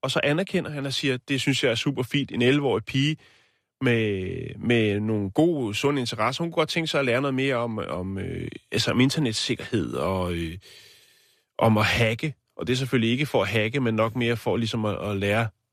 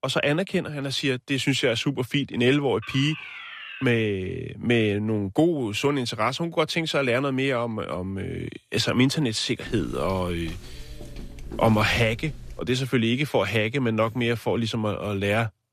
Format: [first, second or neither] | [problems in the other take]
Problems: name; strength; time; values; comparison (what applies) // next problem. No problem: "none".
first | alarm; faint; from 3 to 4 s; peak 10 dB below the speech // footsteps; faint; from 9.5 to 13 s; peak 10 dB below the speech